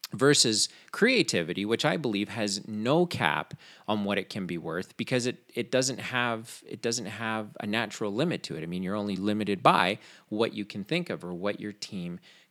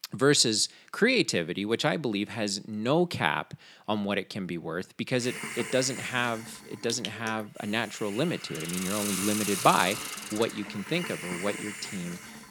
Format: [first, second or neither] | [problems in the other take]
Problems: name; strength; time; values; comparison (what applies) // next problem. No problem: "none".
first | hiss; loud; from 5 s on; 7 dB below the speech